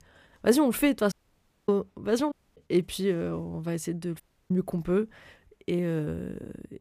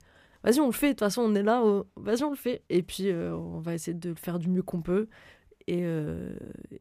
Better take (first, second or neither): second